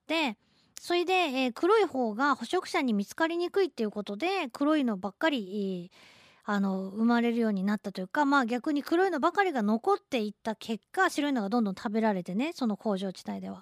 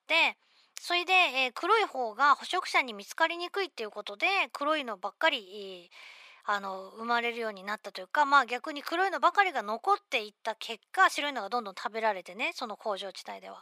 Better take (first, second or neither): first